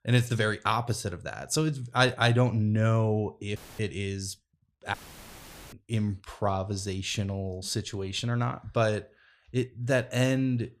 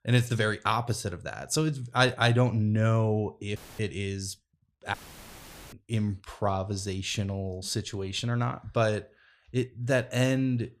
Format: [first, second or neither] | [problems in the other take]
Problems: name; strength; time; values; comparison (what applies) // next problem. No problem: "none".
neither | audio cutting out; filled with static; at 3.5 s and at 5 s for 1 s; the same in both